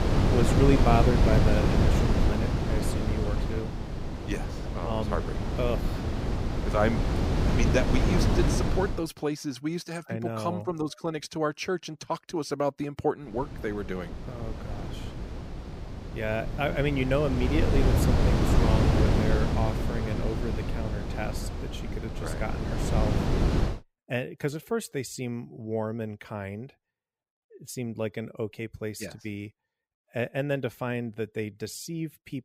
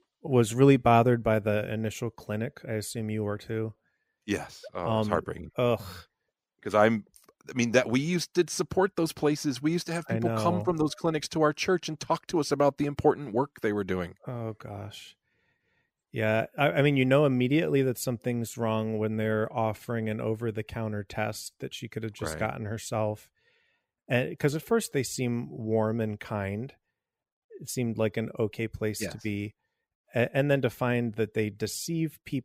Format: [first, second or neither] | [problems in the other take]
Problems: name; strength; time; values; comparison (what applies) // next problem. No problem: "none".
second | wind noise on the microphone; heavy; until 9 s and from 13 to 24 s; 1 dB below the speech